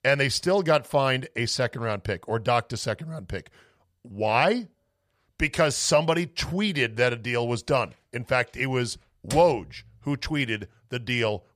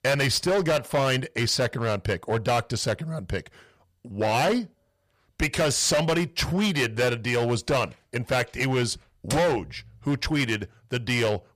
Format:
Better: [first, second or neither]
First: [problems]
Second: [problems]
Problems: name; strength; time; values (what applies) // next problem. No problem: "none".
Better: first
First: none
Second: distortion; heavy; 12% of the sound clipped